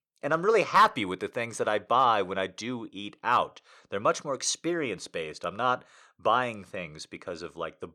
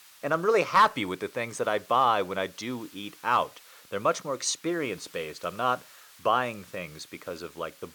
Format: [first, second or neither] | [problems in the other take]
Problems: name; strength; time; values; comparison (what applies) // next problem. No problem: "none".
first | hiss; faint; throughout; 25 dB below the speech